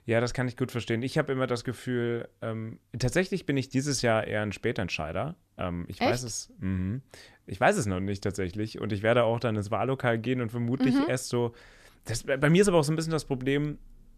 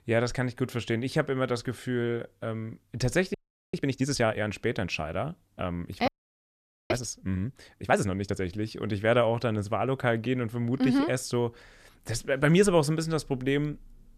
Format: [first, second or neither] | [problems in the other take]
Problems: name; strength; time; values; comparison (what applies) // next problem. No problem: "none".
first | audio freezing; at 3.5 s and at 6 s for 1 s